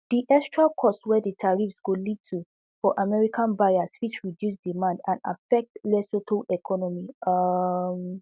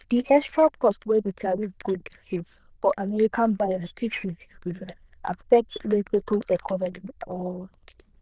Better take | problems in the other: first | noise reduction (neural diffusion model UNIVERSE++)

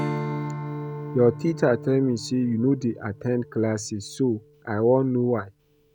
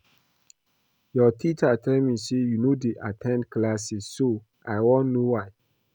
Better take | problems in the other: second | background sound (Strum); 11 dB below the speech

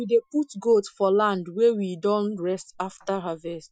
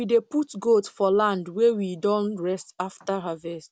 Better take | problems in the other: second | noise reduction (classical method Wiener filter)

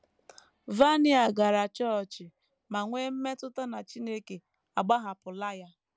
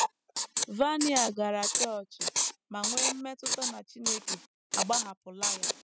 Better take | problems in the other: first | noise reduction (classical method spectral subtraction)

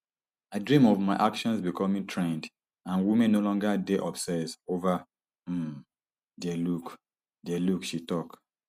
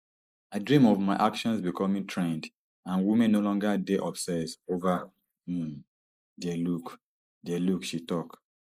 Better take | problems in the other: first | noise reduction (neural mask model Resemble Enhance denoiser)

